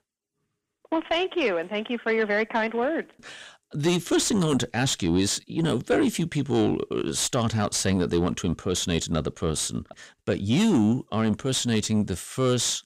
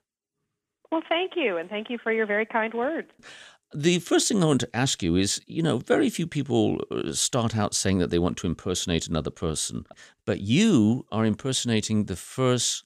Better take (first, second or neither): second